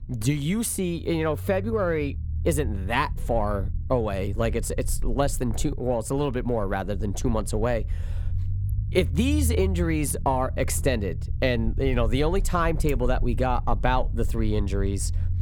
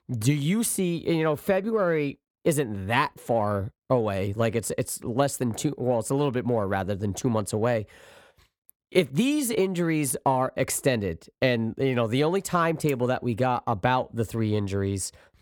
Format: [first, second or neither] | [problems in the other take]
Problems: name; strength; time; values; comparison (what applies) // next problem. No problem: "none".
second | low rumble; faint; throughout; 20 dB below the speech